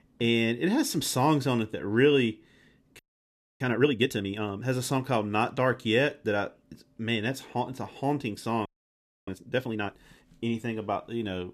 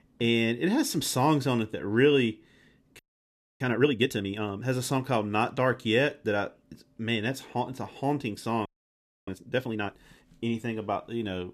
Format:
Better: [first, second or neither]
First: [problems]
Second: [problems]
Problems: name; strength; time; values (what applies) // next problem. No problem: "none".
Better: neither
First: audio freezing; at 3 s for 0.5 s and at 8.5 s for 0.5 s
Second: audio freezing; at 3 s for 0.5 s and at 8.5 s for 0.5 s